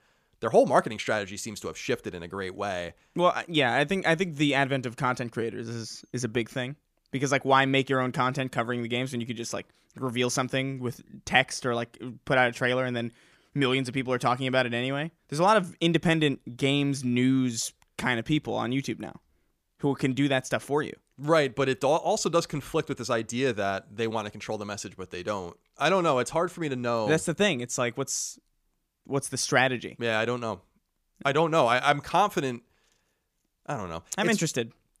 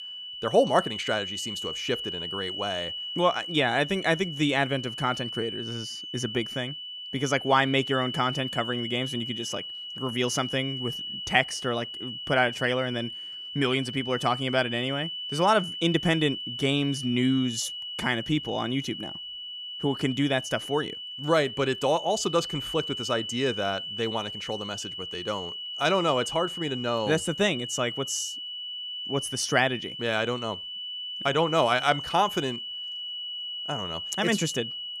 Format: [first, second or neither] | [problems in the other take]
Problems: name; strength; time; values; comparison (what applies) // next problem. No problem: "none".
first | high-pitched whine; loud; throughout; 3 kHz, 6 dB below the speech